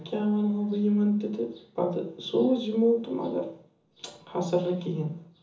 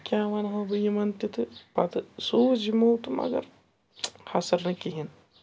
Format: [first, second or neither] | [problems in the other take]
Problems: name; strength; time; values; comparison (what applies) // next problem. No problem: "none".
second | room echo; dies away in 0.7 s